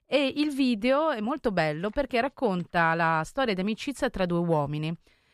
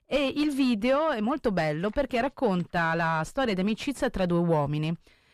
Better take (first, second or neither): first